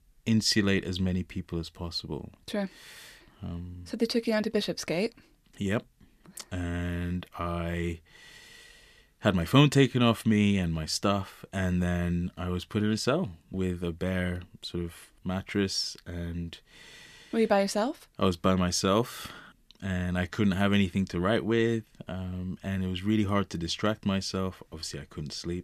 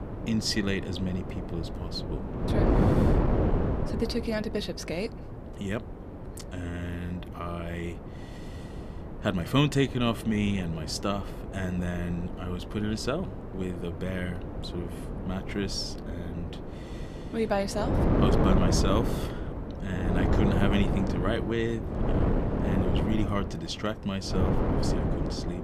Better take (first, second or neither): first